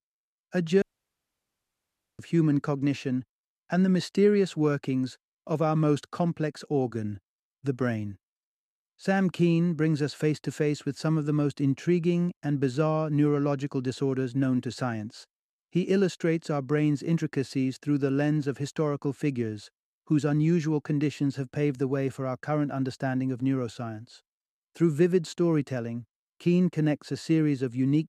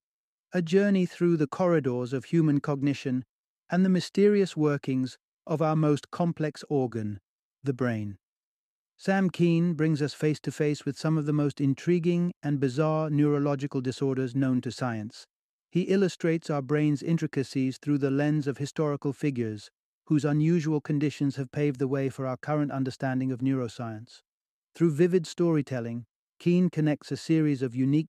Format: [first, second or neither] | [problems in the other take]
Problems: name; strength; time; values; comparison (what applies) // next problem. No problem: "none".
second | audio cutting out; at 1 s for 1.5 s